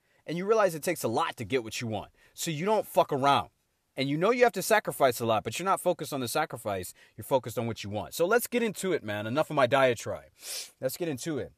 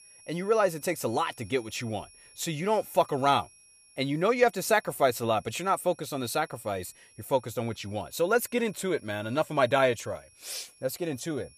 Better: first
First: none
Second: high-pitched whine; faint; throughout; 10.5 kHz, 25 dB below the speech

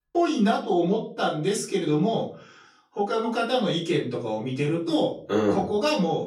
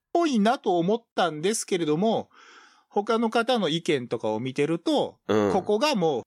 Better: second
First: off-mic speech; far // room echo; slight; dies away in 0.4 s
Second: none

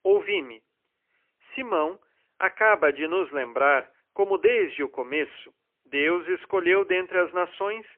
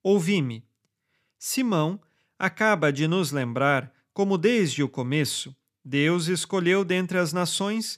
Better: second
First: phone-call audio; poor line; nothing above 3 kHz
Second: none

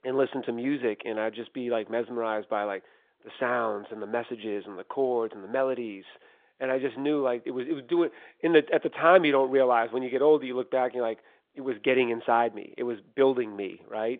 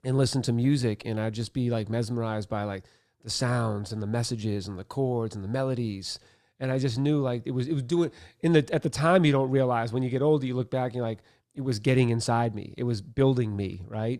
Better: second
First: phone-call audio; nothing above 3.5 kHz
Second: none

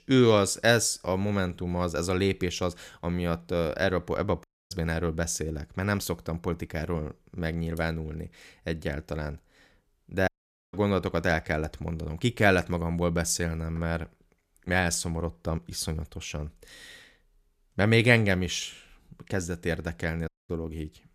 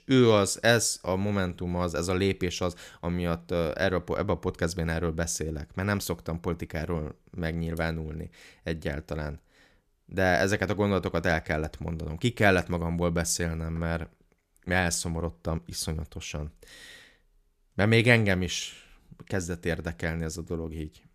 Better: second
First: audio cutting out; at 4.5 s, at 10 s and at 20 s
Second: none

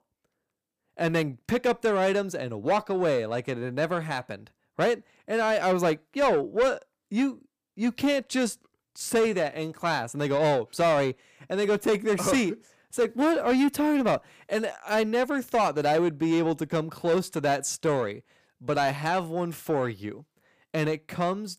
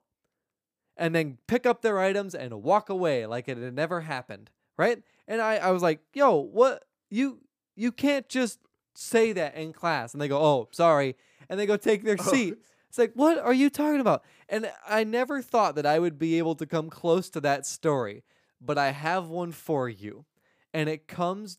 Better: second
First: distortion; slight; 10 dB below the speech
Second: none

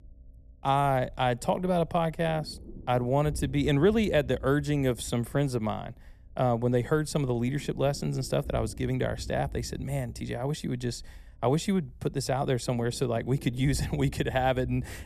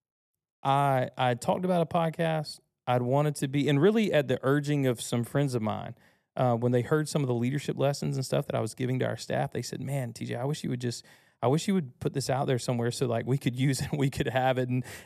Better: second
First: low rumble; faint; throughout; 25 dB below the speech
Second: none

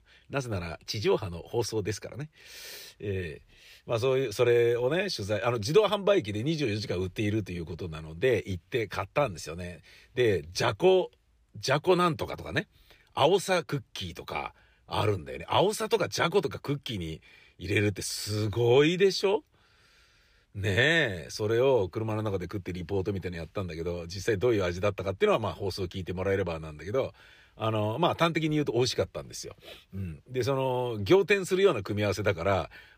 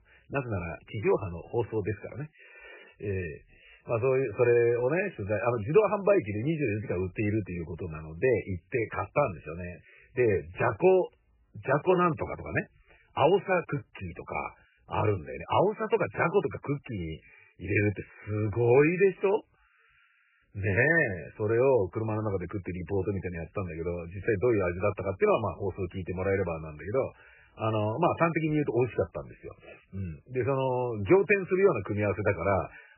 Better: first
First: none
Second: garbled, watery; badly; nothing above 2.5 kHz

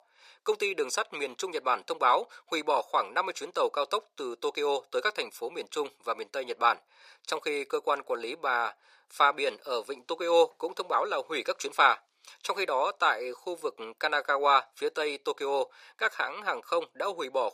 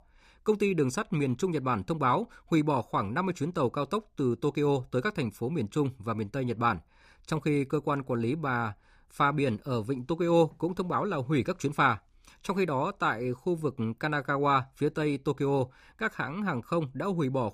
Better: second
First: thin; very; fading below 500 Hz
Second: none

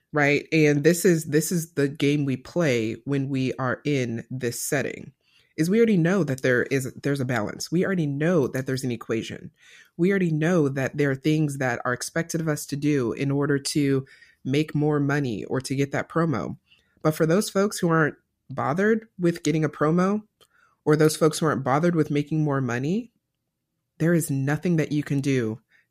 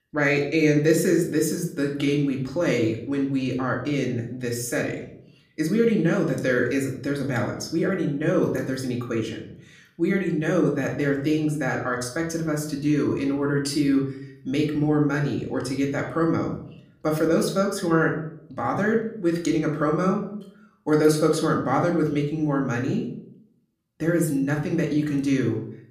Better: first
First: none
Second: room echo; slight; dies away in 0.5 s // off-mic speech; somewhat distant

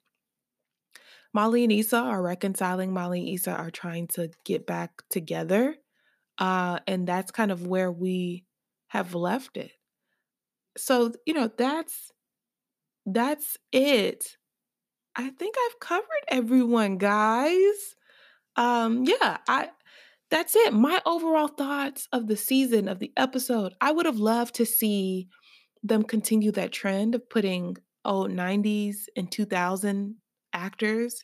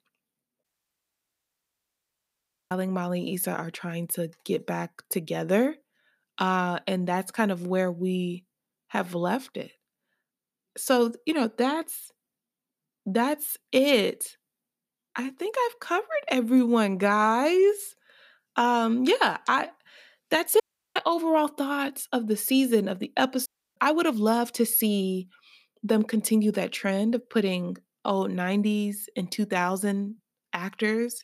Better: first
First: none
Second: audio cutting out; at 0.5 s for 2 s, at 21 s and at 23 s

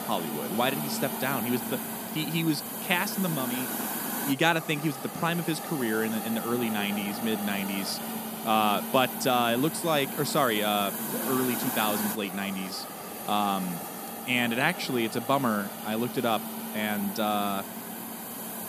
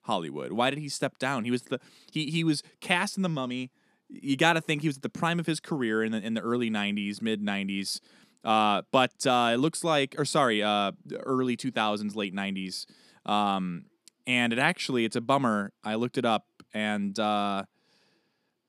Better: second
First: hiss; loud; throughout; 5 dB below the speech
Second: none

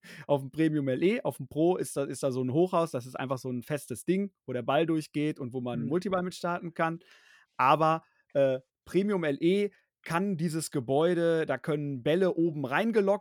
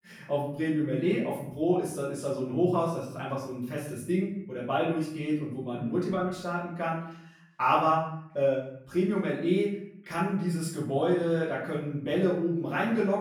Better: first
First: none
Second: room echo; noticeable; dies away in 0.6 s // off-mic speech; far

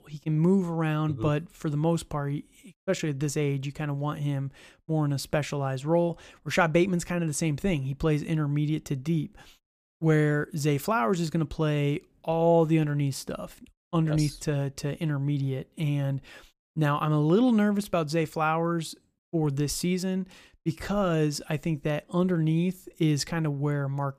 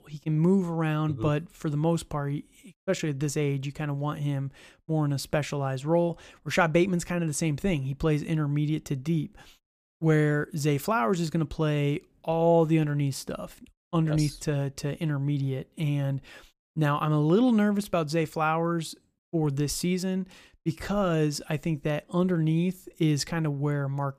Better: neither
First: none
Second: none

